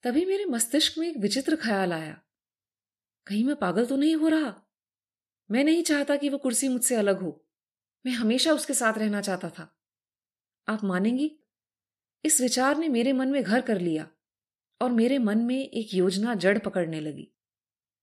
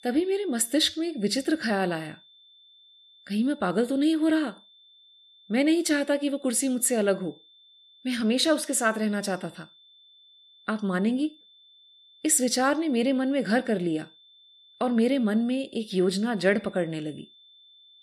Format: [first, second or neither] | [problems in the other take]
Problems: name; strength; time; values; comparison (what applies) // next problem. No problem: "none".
first | high-pitched whine; faint; throughout; 3.5 kHz, 25 dB below the speech